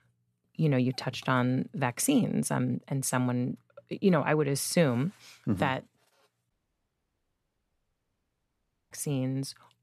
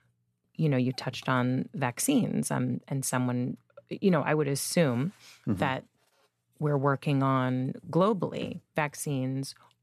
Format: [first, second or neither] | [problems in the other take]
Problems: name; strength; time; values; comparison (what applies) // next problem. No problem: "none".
second | audio cutting out; at 6.5 s for 2.5 s